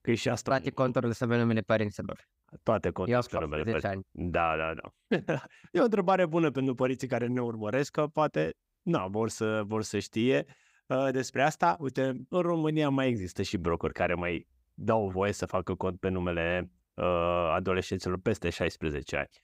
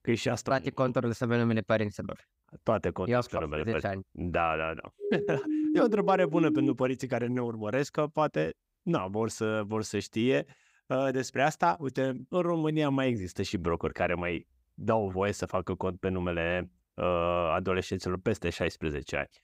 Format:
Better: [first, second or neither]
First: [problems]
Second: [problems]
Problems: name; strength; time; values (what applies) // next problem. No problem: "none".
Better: first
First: none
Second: siren; loud; from 5 to 6.5 s; peak 1 dB above the speech